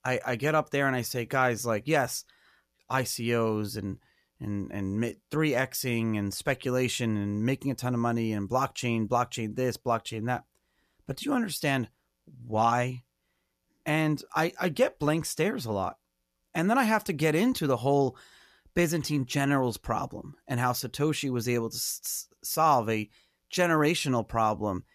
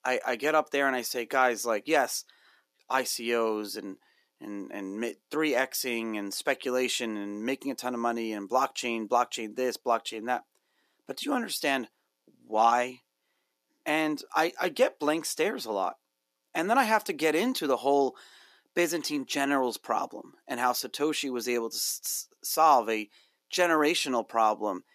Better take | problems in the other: first | thin; somewhat; fading below 250 Hz

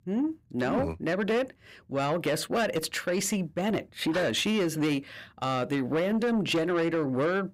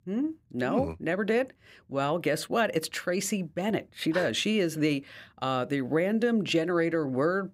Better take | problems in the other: second | distortion; slight; 10 dB below the speech

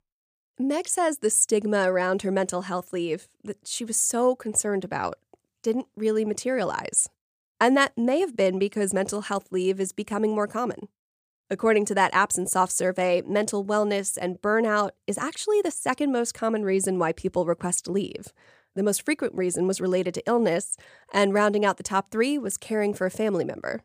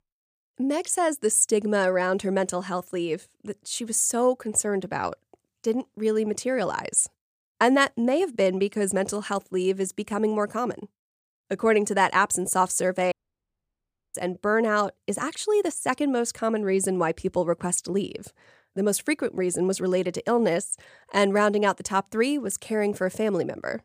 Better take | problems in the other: first | audio cutting out; at 13 s for 1 s

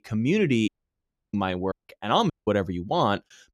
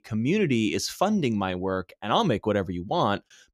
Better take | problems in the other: second | audio cutting out; at 0.5 s for 0.5 s, at 1.5 s and at 2.5 s

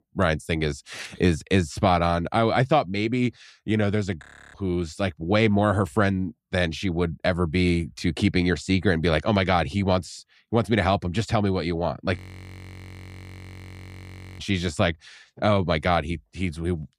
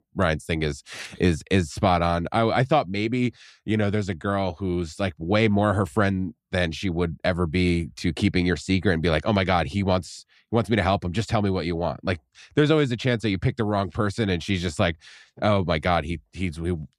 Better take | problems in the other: second | audio freezing; at 4 s and at 12 s for 2 s

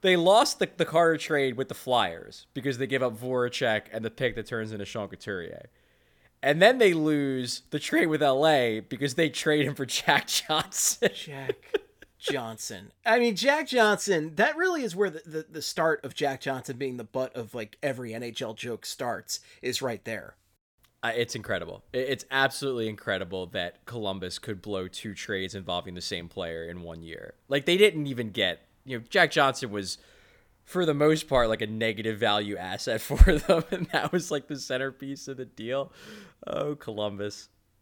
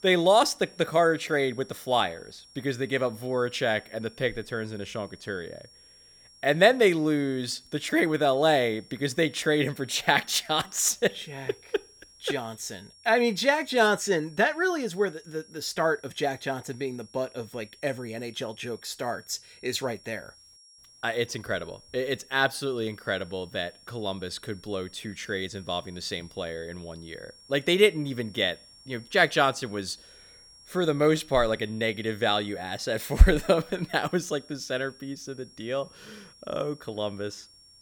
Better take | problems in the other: first | high-pitched whine; faint; throughout; 5.5 kHz, 25 dB below the speech

